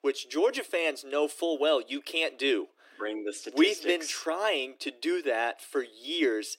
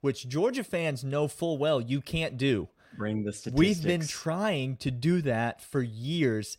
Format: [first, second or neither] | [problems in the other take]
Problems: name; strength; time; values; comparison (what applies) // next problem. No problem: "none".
second | thin; somewhat; fading below 300 Hz